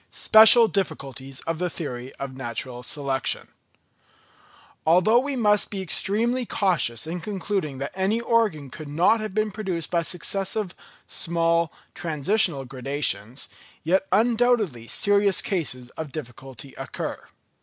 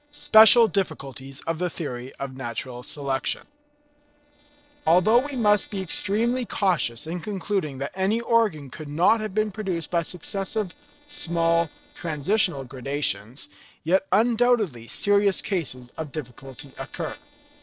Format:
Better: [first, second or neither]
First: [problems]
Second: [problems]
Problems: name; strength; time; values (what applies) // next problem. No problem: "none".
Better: first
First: none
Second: noise reduction (neural separator model SepFormer DNS4)